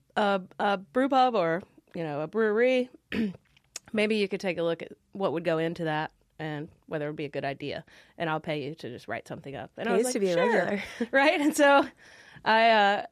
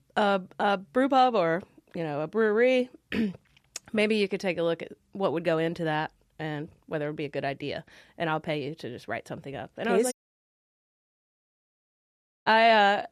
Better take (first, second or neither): first